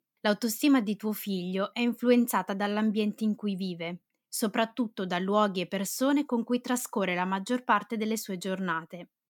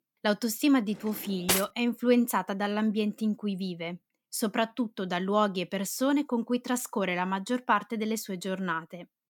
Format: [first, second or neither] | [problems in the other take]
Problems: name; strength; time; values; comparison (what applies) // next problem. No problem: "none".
first | clattering dishes; loud; at 1.5 s; peak 2 dB above the speech